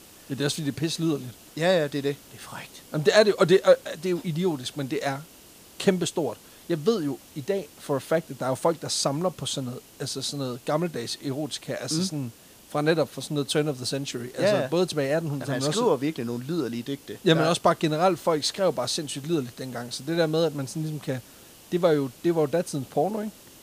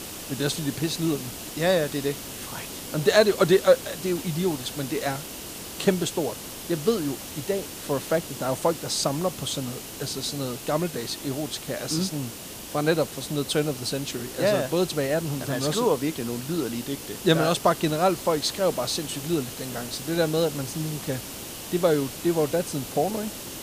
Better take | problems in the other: first | hiss; loud; throughout; 9 dB below the speech; faint in the first

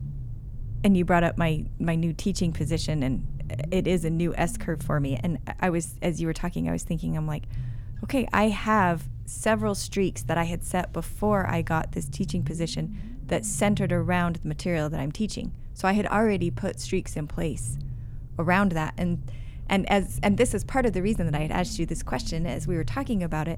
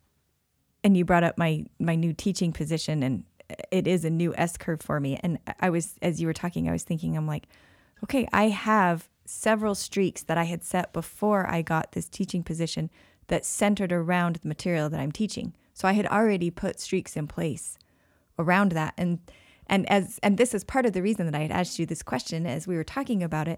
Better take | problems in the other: second | low rumble; faint; throughout; 20 dB below the speech

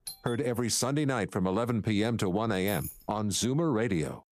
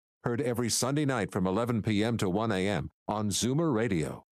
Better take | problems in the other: second | doorbell; faint; at the start; peak 10 dB below the speech // jangling keys; faint; at 2.5 s; peak 10 dB below the speech

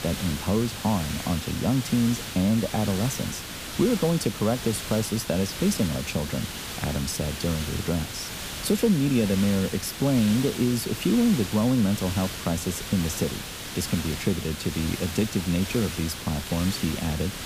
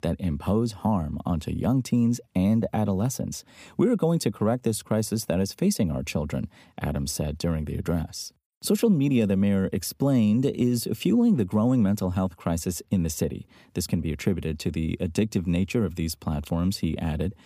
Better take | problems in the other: second | hiss; loud; throughout; 7 dB below the speech

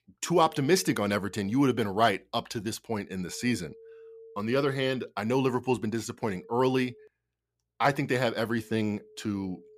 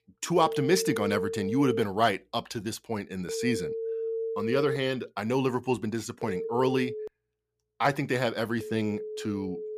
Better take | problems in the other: first | alarms or sirens; loud; throughout; 6 dB below the speech; faint in the first

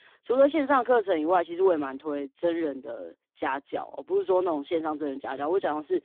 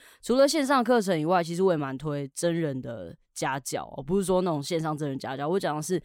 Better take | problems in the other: second | phone-call audio; poor line

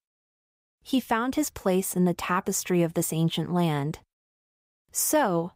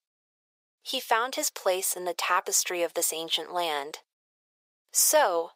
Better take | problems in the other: first | thin; very; fading below 500 Hz

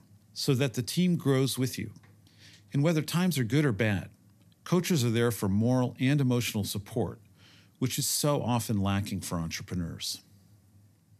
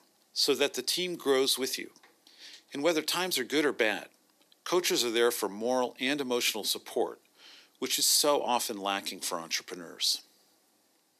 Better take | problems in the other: first | thin; very; fading below 350 Hz

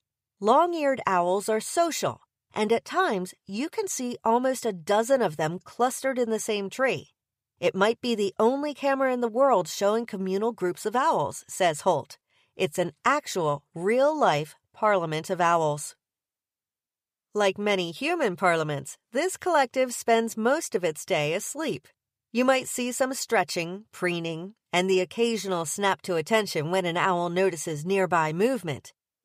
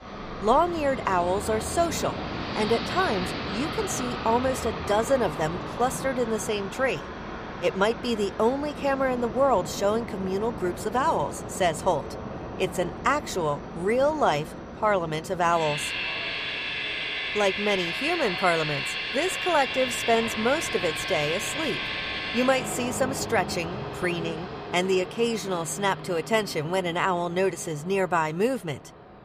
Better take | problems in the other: first | train or aircraft noise; loud; throughout; 6 dB below the speech

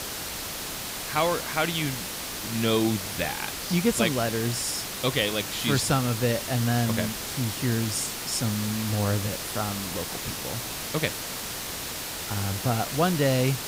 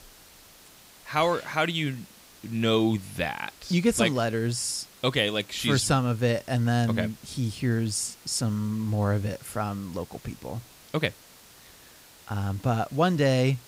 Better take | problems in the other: second | hiss; loud; throughout; 4 dB below the speech; faint in the second

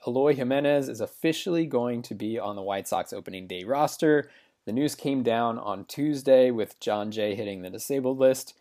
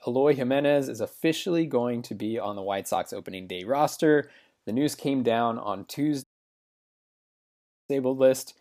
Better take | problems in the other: first | audio cutting out; at 6 s for 1.5 s

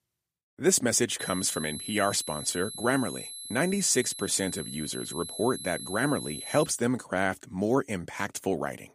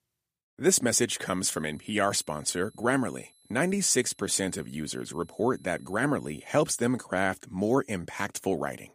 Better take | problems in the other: second | high-pitched whine; loud; from 1 to 6.5 s; 4 kHz, 9 dB below the speech; faint in the second

